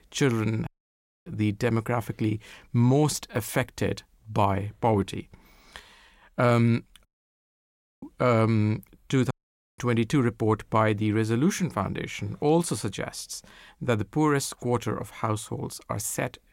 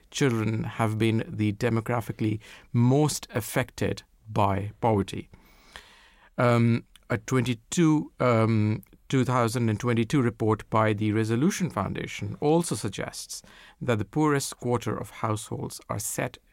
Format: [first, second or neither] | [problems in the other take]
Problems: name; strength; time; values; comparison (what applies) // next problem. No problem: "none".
second | audio cutting out; at 0.5 s for 0.5 s, at 7 s for 1 s and at 9.5 s